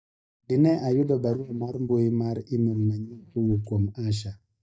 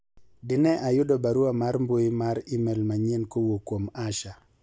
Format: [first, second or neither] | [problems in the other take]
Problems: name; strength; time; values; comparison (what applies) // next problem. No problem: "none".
second | noise reduction (neural mask model DeepFilterNet 3)